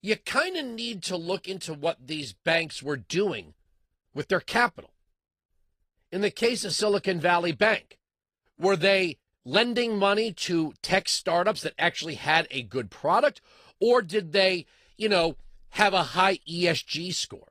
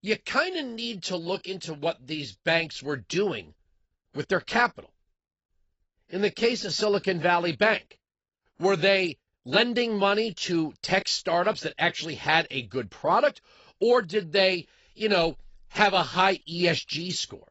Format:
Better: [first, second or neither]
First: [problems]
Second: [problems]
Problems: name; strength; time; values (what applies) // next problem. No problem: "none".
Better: first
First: garbled, watery; slightly; nothing above 15 kHz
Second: garbled, watery; badly; nothing above 7.5 kHz